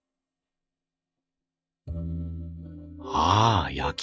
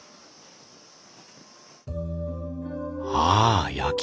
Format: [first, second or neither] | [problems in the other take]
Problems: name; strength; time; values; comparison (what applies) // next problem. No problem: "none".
second | noise reduction (neural mask model DeepFilterNet 3)